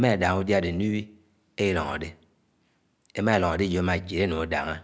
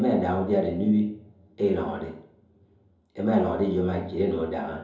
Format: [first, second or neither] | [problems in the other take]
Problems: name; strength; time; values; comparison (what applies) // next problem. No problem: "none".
first | room echo; dies away in 2.6 s